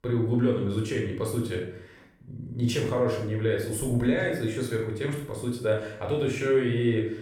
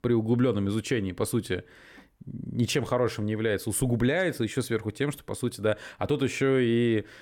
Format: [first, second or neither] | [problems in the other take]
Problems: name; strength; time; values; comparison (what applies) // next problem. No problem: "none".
second | off-mic speech; somewhat distant // room echo; noticeable; dies away in 0.6 s